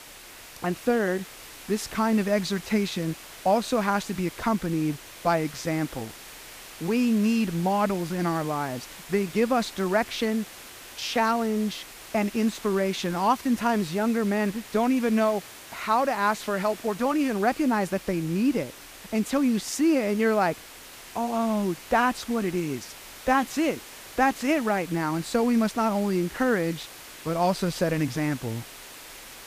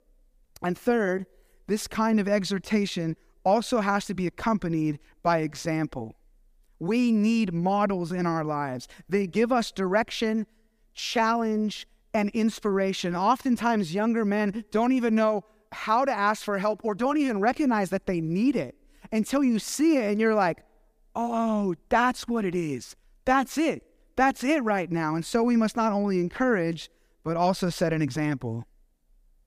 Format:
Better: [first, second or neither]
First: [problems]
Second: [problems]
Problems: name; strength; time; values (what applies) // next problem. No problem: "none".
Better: second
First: hiss; noticeable; throughout; 15 dB below the speech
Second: none